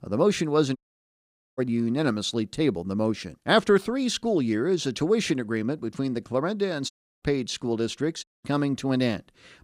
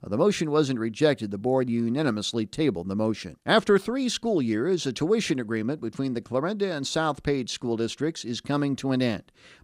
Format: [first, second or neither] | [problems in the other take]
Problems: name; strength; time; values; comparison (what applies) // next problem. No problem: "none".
second | audio cutting out; at 1 s for 1 s, at 7 s and at 8 s